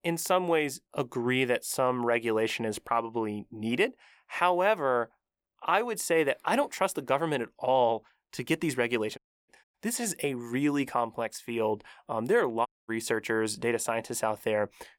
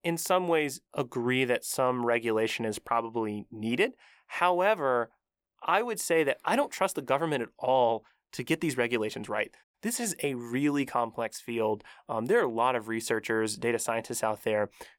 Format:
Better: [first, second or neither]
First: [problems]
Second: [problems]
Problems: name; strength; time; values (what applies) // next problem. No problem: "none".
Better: second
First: audio cutting out; at 9 s and at 13 s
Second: none